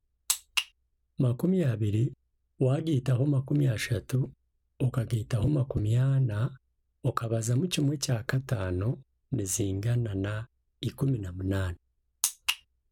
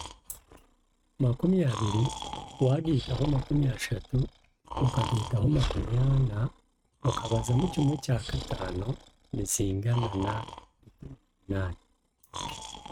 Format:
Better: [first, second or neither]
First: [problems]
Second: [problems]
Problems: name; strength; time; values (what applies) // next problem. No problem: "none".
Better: first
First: none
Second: noise reduction (neural mask model RNNoise)